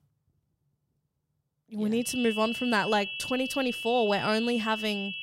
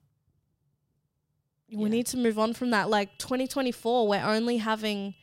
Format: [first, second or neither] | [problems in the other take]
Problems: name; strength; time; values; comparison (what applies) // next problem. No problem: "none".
second | high-pitched whine; loud; from 2 s on; 2.5 kHz, 6 dB below the speech; faint in the second